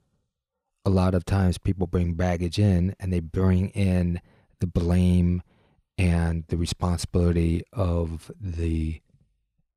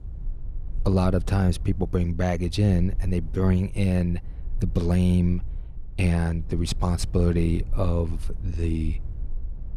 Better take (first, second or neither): first